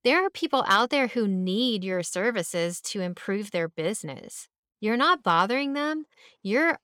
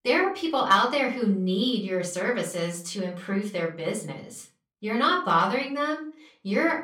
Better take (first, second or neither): first